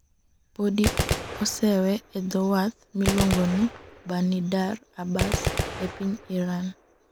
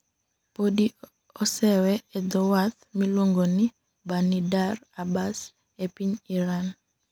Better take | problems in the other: second | background sound (Gunshot, gunfire); 5 dB below the speech

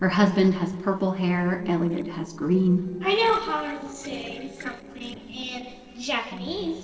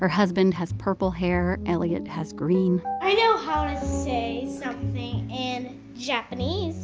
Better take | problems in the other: second | noise reduction (neural separator model SepFormer DNS4)

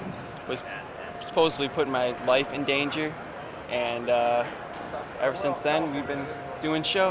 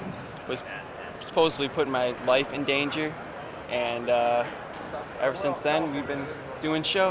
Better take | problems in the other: second | background sound (Brass instrument); 17 dB below the speech

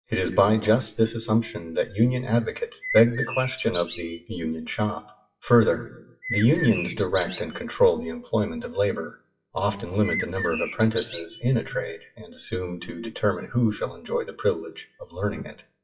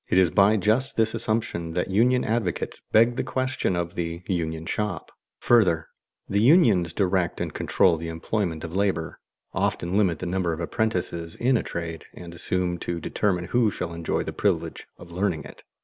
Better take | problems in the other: second | noise reduction (classical method WPE with log-MMSE)

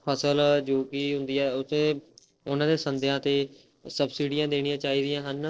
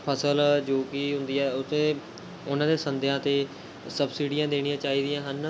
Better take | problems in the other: second | noise reduction (neural separator model SepFormer DNS4)

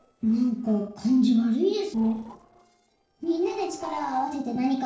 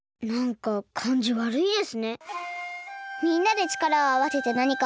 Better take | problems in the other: second | noise reduction (neural separator model SepFormer DNS4)

